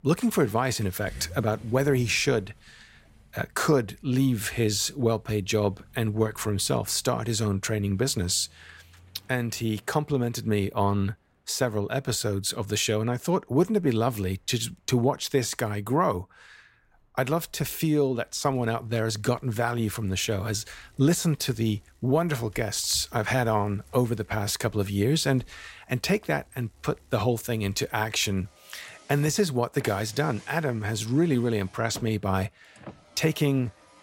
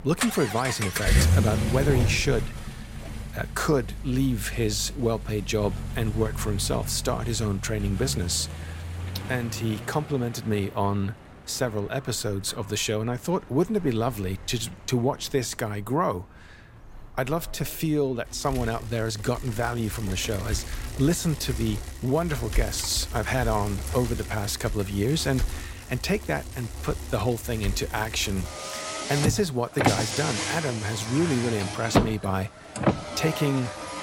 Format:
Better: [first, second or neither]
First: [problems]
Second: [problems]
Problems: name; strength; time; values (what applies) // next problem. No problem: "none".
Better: first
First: traffic noise; faint; throughout; 25 dB below the speech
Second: traffic noise; loud; throughout; 4 dB below the speech